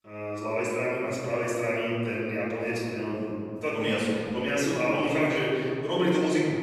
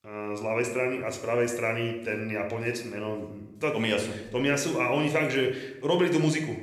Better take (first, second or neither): second